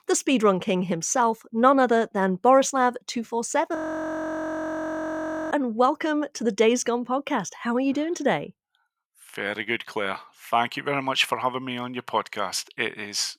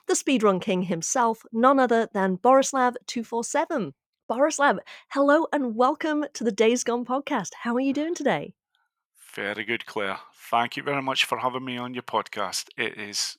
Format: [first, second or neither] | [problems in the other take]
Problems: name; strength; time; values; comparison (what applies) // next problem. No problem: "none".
second | audio freezing; at 4 s for 2 s